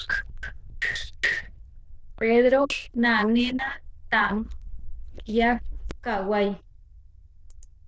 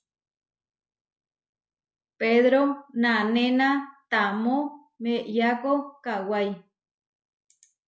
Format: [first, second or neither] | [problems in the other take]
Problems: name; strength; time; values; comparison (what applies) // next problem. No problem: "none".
second | noise reduction (neural diffusion model UNIVERSE++)